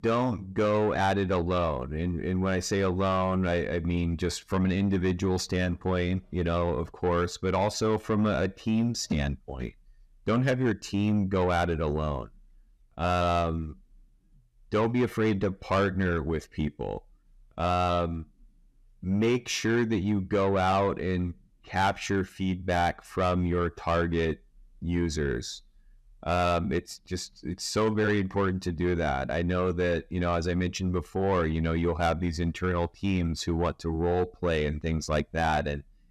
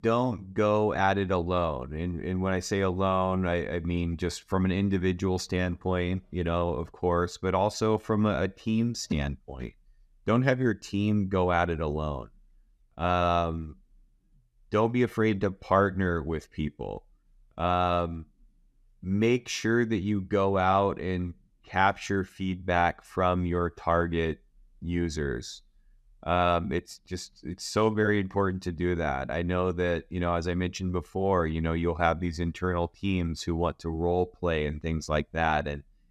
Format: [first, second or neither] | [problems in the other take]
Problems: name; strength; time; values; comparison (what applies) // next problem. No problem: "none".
second | distortion; slight; 10 dB below the speech